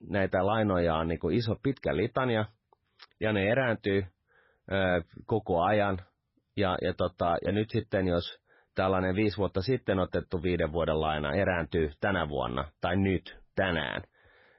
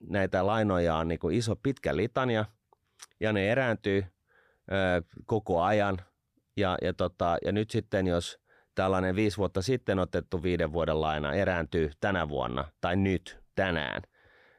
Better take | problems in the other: second | garbled, watery; badly; nothing above 5.5 kHz

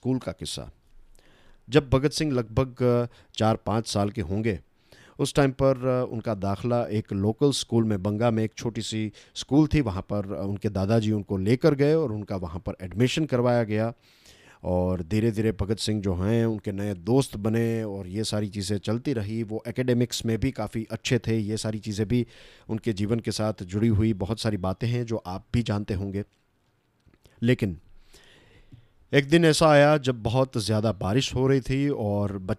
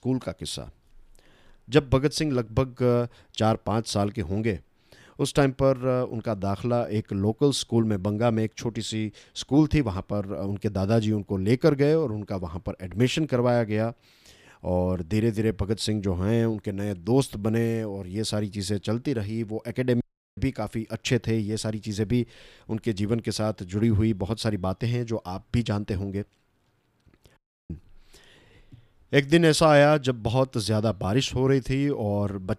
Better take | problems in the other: first | audio cutting out; at 20 s and at 27 s

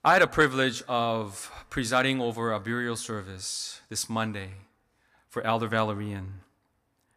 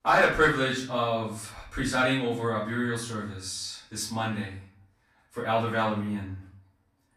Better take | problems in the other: first | off-mic speech; far // room echo; noticeable; dies away in 0.4 s

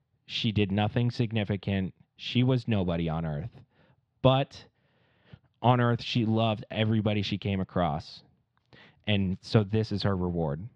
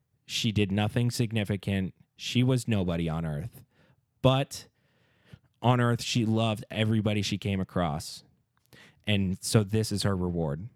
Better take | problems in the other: second | muffled; slightly; fading above 4 kHz

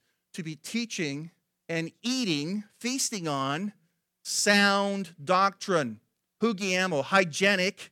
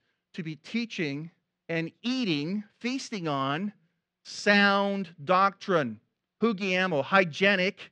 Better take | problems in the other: first | muffled; slightly; fading above 4 kHz

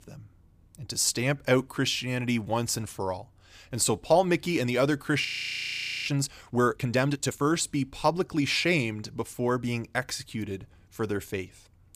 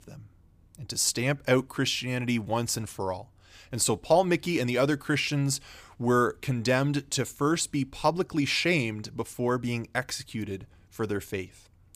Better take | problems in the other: second | audio freezing; at 5.5 s for 1 s

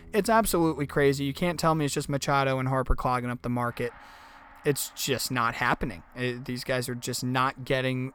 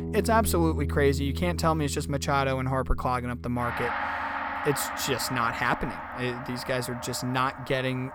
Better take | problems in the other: first | background music; loud; throughout; 6 dB below the speech; faint in the first

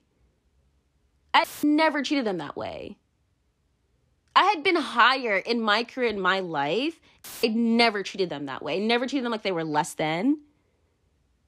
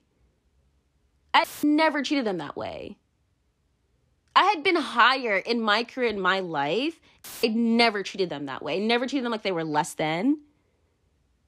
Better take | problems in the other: neither | audio cutting out; filled with static; at 1.5 s and at 7 s; the same in both

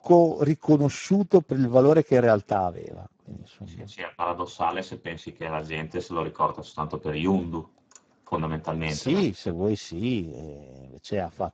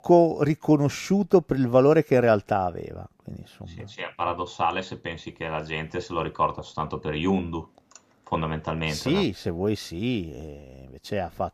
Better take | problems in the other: second | garbled, watery; badly; nothing above 7.5 kHz

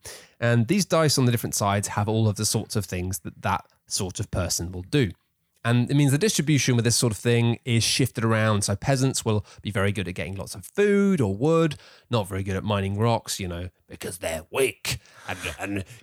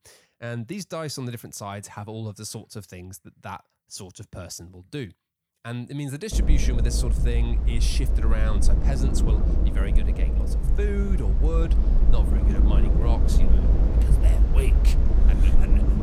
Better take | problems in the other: first | low rumble; loud; from 6.5 s on; 1 dB below the speech

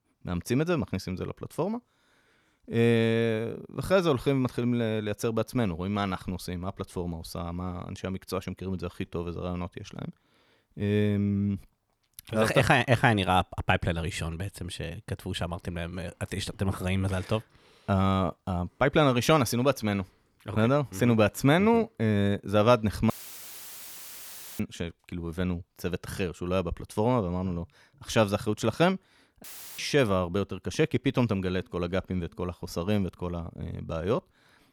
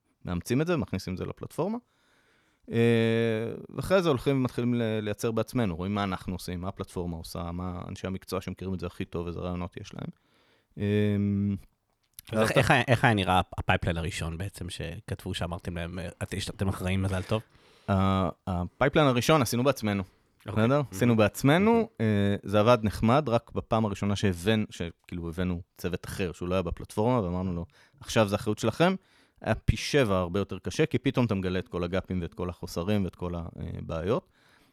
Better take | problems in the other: second | audio cutting out; filled with static; at 23 s for 1.5 s and at 29 s

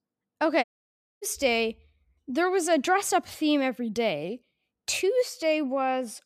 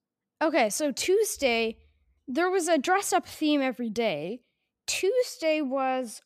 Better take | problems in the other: second | audio cutting out; at 0.5 s for 0.5 s

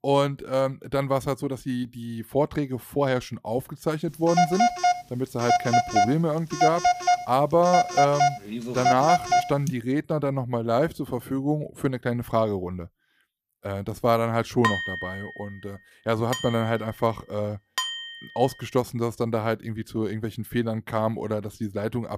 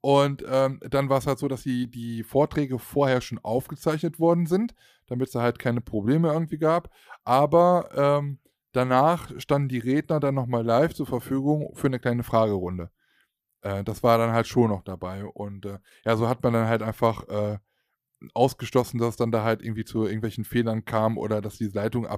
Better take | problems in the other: second | phone ringing; loud; from 4.5 to 9.5 s; peak 5 dB above the speech // clattering dishes; loud; from 15 to 18 s; peak 1 dB above the speech

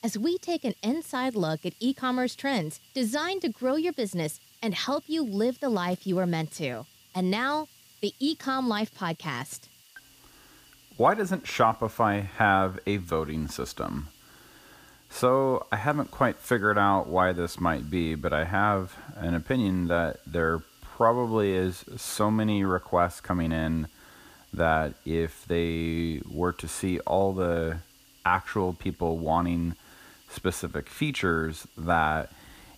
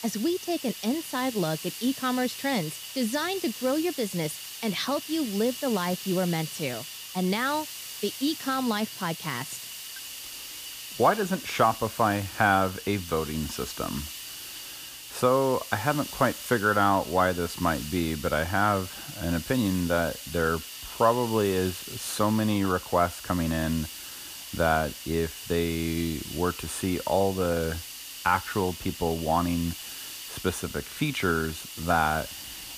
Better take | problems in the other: first | hiss; loud; throughout; 10 dB below the speech; faint in the first

